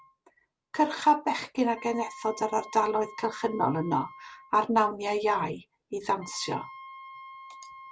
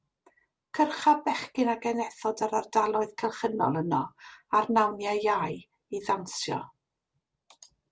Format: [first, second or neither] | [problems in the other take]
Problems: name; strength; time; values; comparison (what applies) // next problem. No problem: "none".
second | background sound (Wind instrument, woodwind instrument); 19 dB below the speech